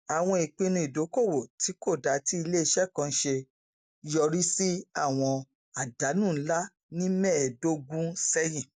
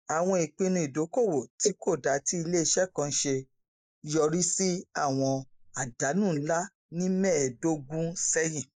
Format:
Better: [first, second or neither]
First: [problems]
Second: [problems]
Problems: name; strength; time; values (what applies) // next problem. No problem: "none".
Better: first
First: none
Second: noise reduction (neural mask model Resemble Enhance denoiser)